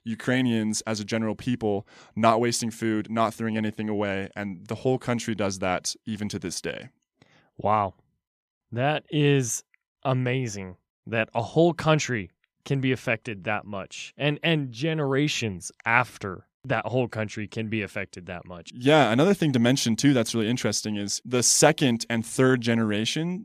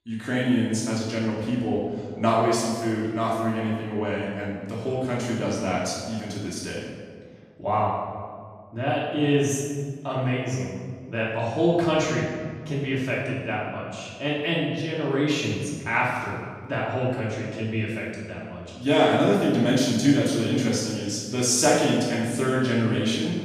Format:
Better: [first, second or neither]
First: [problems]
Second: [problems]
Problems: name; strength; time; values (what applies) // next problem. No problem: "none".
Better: first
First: none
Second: room echo; strong; dies away in 1.5 s // off-mic speech; far